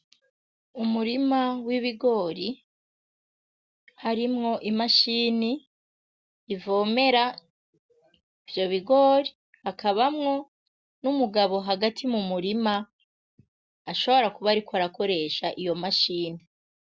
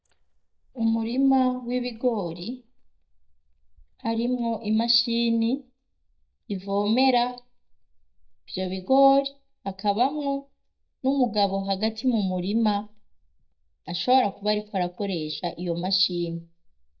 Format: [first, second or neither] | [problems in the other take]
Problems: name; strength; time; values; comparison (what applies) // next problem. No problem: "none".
first | noise reduction (neural mask model DeepFilterNet 3)